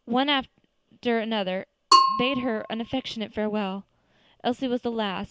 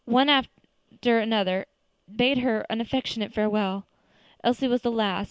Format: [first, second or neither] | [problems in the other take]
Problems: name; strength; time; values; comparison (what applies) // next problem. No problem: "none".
second | background sound (Bell / Percussion); 1 dB above the speech